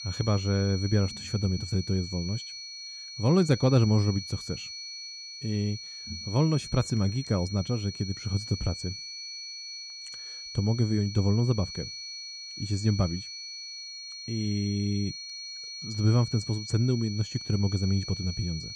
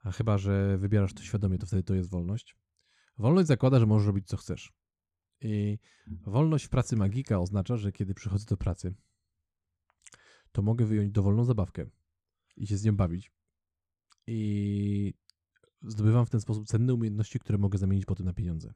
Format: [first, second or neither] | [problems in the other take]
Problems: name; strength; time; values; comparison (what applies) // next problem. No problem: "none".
second | high-pitched whine; loud; throughout; 4.5 kHz, 9 dB below the speech